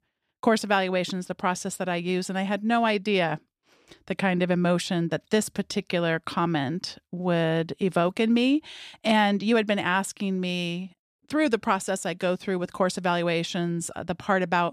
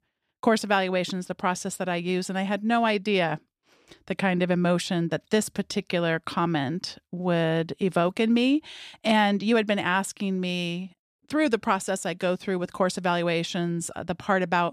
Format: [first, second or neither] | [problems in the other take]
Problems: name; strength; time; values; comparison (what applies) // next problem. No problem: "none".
neither | none